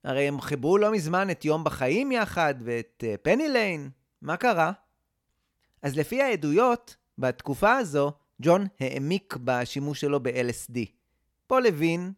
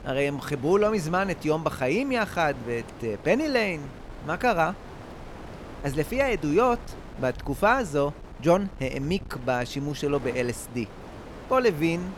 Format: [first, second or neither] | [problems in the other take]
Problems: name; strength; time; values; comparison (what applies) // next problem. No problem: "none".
first | wind noise on the microphone; occasional gusts; 20 dB below the speech